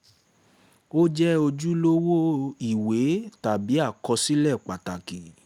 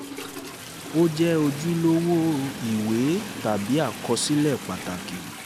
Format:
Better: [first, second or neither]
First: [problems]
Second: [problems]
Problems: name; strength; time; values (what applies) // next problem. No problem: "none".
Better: first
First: none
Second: background sound (Toilet flush + Train); 11 dB below the speech